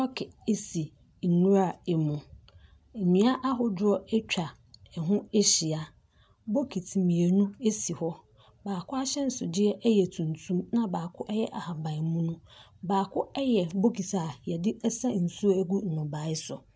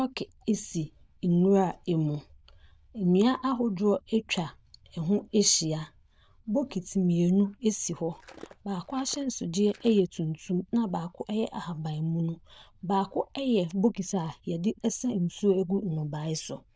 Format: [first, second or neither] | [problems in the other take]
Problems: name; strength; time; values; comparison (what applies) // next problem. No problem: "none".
first | noise reduction (neural diffusion model UNIVERSE++)